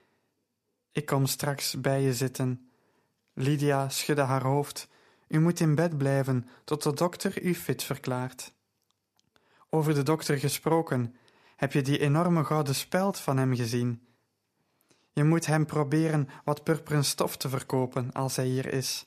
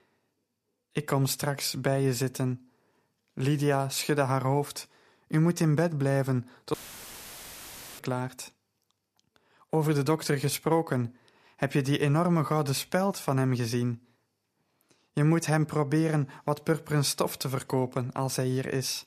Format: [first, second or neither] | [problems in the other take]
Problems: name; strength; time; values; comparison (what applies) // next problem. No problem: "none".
first | audio cutting out; filled with static; at 6.5 s for 1.5 s